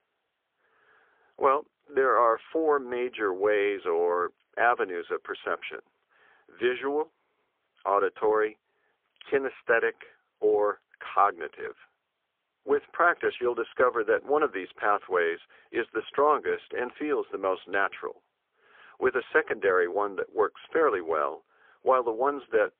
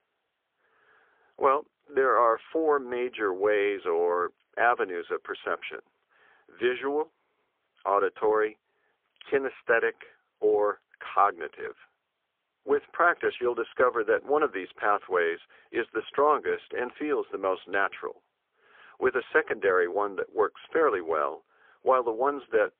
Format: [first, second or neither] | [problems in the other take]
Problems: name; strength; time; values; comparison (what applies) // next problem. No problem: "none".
neither | phone-call audio; poor line; nothing above 3.5 kHz; the same in both